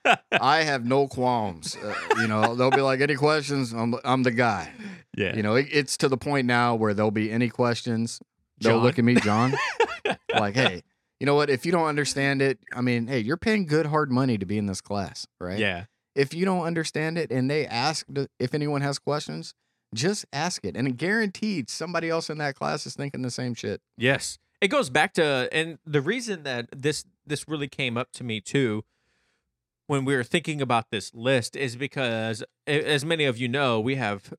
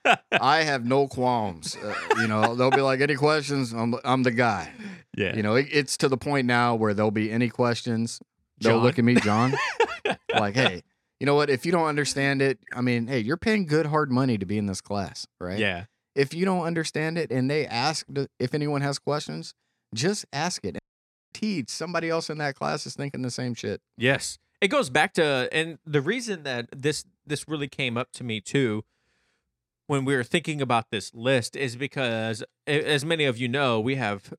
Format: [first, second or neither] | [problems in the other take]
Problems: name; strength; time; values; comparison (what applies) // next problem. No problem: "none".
first | audio cutting out; at 21 s for 0.5 s